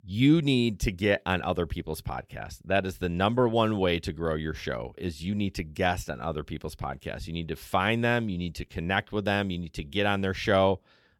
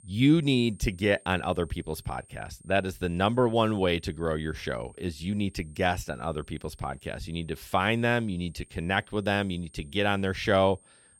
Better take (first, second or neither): first